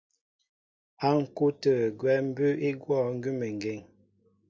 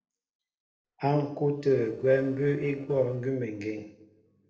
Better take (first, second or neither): first